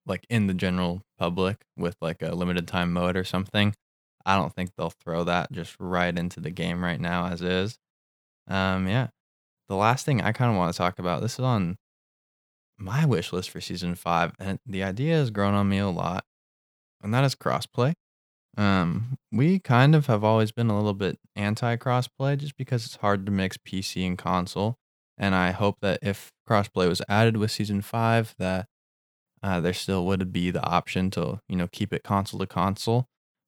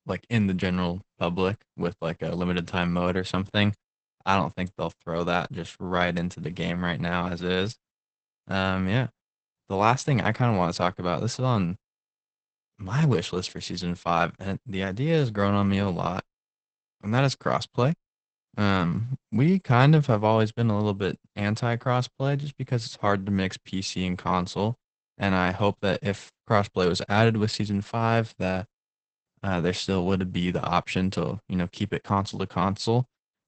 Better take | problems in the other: first | garbled, watery; badly; nothing above 8 kHz

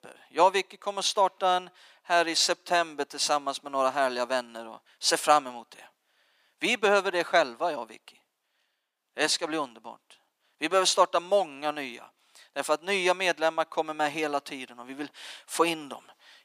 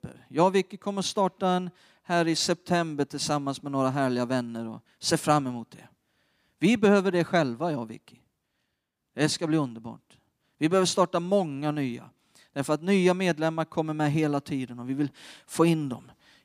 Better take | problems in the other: second | thin; very; fading below 650 Hz

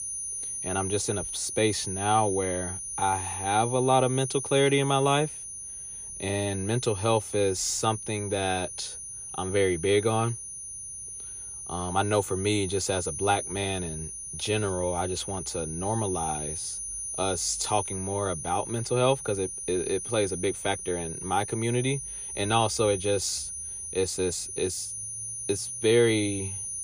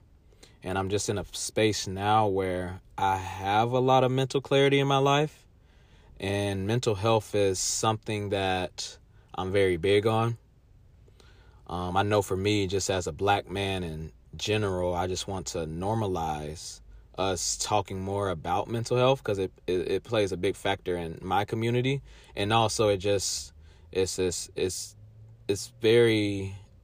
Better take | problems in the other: second | high-pitched whine; loud; throughout; 9.5 kHz, 6 dB below the speech

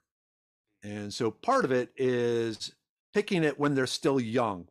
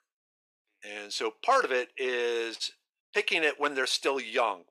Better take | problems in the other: first | thin; very; fading below 450 Hz

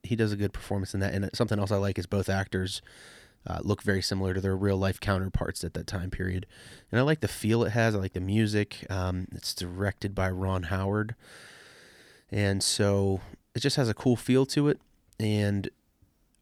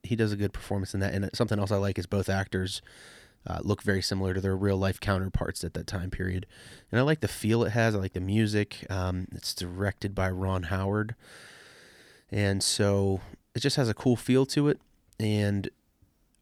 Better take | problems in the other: neither | none

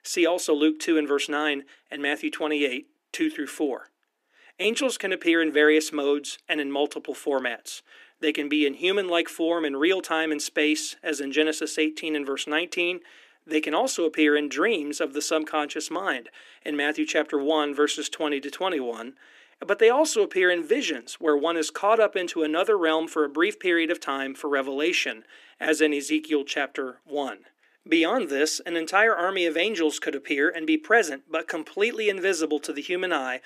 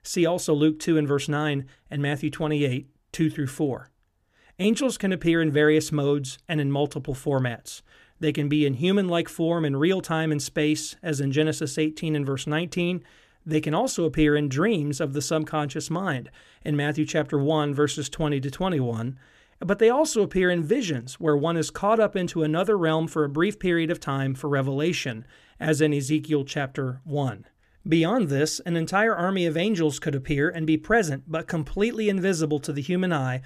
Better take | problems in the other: second | thin; somewhat; fading below 300 Hz

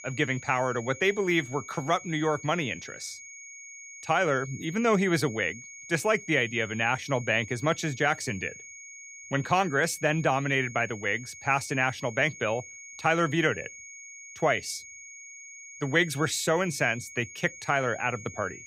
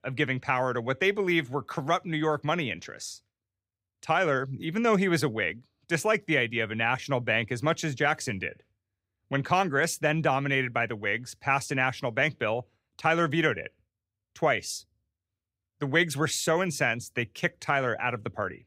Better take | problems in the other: second | high-pitched whine; noticeable; throughout; 2 kHz, 15 dB below the speech

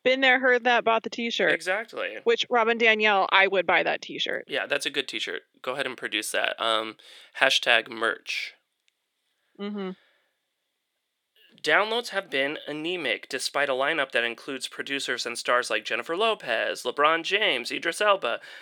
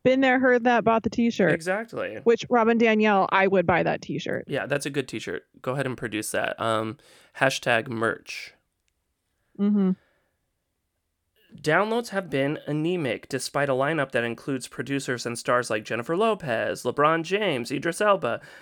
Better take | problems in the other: second | thin; somewhat; fading below 400 Hz

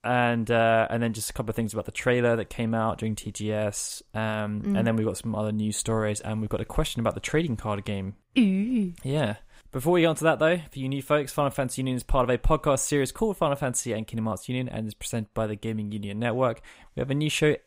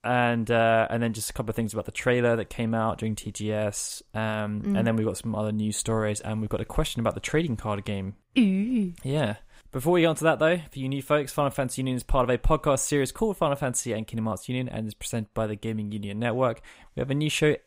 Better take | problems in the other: neither | none

